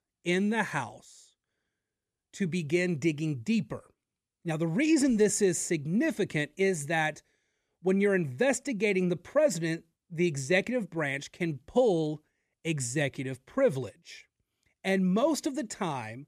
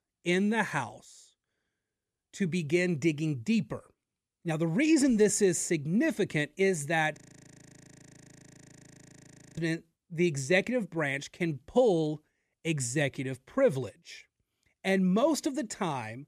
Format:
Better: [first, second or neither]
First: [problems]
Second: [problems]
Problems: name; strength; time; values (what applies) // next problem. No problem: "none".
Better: first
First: none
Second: audio freezing; at 7 s for 2.5 s